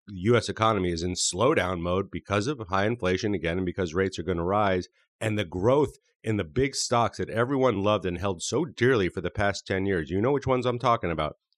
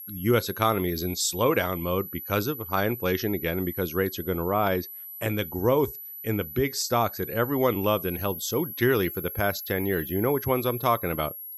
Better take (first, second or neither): first